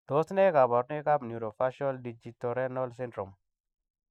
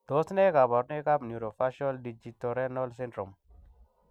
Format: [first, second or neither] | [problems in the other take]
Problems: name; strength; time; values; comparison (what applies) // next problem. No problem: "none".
second | noise reduction (neural mask model Resemble Enhance denoiser)